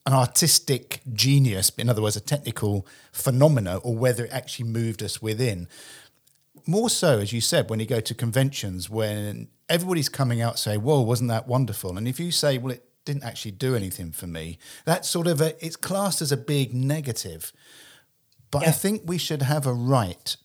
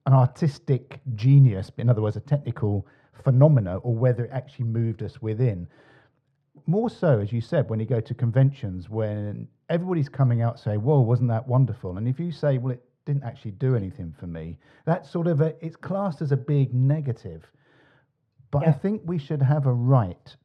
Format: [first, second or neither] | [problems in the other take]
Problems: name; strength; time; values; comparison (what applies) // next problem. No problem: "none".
first | muffled; very; fading above 1.5 kHz